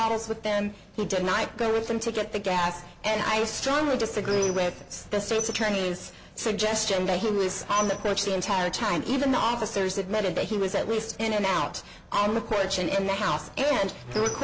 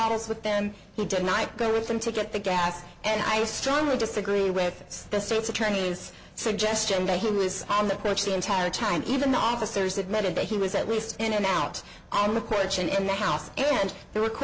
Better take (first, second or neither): second